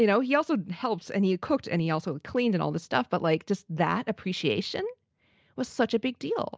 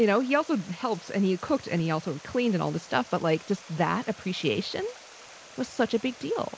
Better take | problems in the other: first | background sound (Stream); 20 dB below the speech

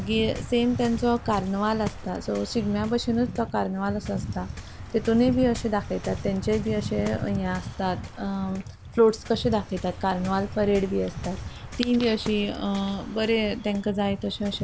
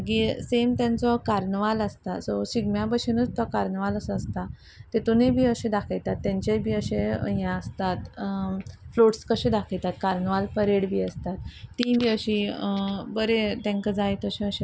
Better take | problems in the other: second | background sound (Waves, surf); 15 dB below the speech

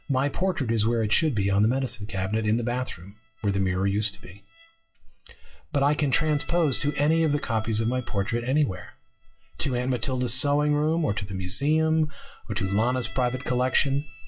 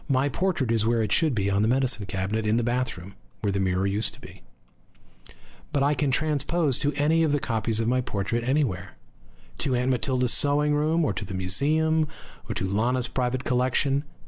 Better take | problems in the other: second | noise reduction (classical method WPE with log-MMSE)

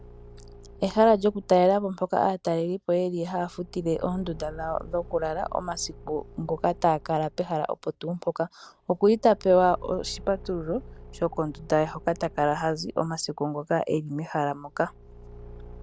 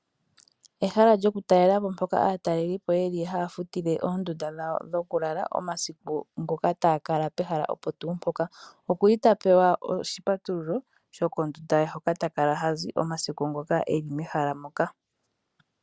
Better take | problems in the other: second | background sound (Engine / Car); 19 dB below the speech

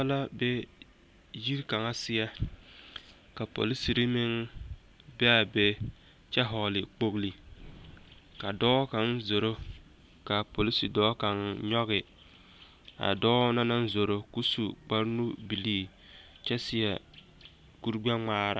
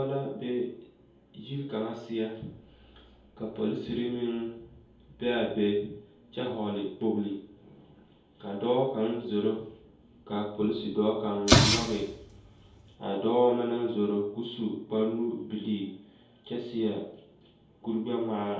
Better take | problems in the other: first | background sound (Explosion); 4 dB above the speech // room echo; dies away in 0.7 s

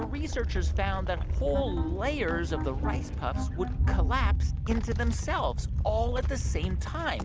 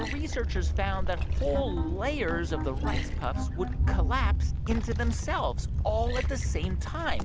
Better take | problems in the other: first | background sound (Liquid); 10 dB below the speech

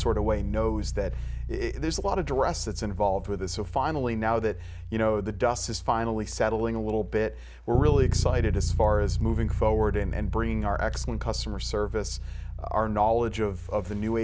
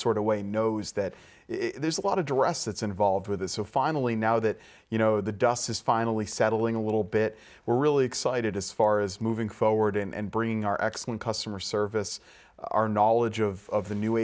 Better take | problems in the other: second | background sound (Bass guitar); 3 dB below the speech

